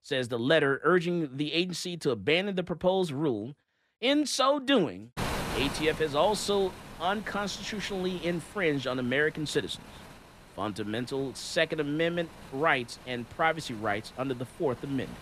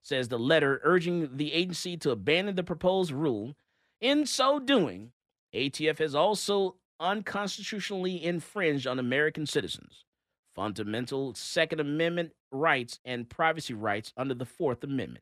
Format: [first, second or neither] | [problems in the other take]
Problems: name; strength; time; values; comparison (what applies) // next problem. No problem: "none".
second | wind noise on the microphone; occasional gusts; from 5 s on; 15 dB below the speech